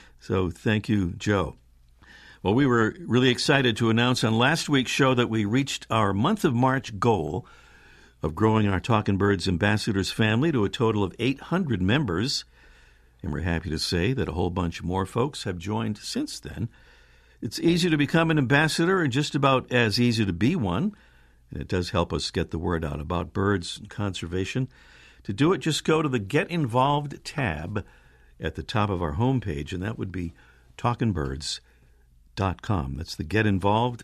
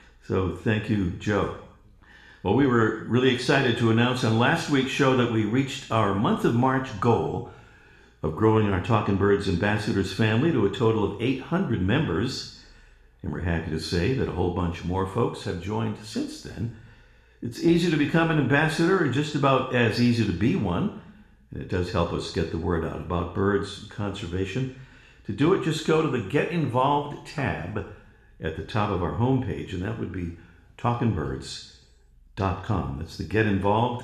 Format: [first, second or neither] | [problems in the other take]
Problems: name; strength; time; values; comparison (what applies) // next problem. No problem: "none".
first | room echo; noticeable; dies away in 0.7 s // off-mic speech; somewhat distant